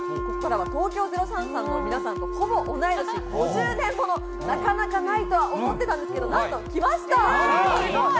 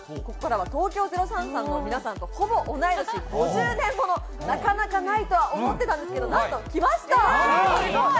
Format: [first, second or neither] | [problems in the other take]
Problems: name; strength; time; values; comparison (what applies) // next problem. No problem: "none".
second | background sound (Wind instrument, woodwind instrument); 8 dB below the speech